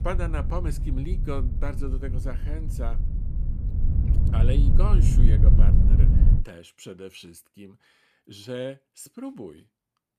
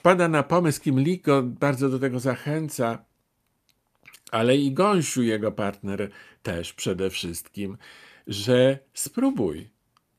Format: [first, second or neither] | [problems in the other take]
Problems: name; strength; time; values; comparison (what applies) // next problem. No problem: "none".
second | low rumble; loud; until 6.5 s; 2 dB below the speech